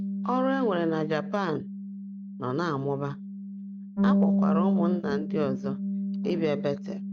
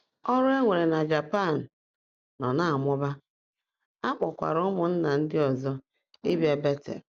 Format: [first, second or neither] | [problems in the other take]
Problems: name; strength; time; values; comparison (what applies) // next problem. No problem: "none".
second | noise reduction (neural mask model RNNoise)